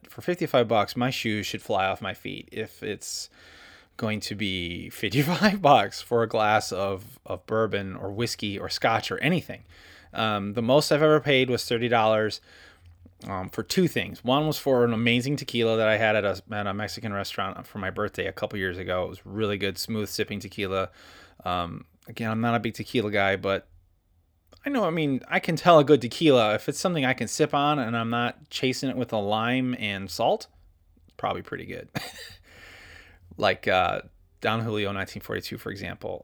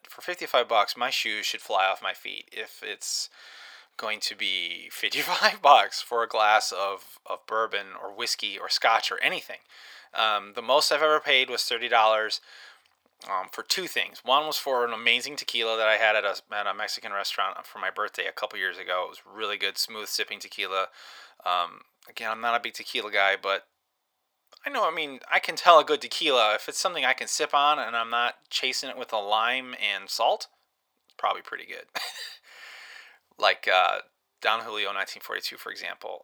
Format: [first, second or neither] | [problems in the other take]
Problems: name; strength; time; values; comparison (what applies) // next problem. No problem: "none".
first | thin; very; fading below 800 Hz